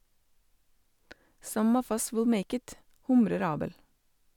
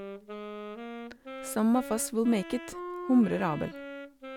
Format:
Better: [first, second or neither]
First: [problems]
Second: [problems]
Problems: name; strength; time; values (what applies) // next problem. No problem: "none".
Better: first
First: none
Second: background sound (Wind instrument, woodwind instrument); 11 dB below the speech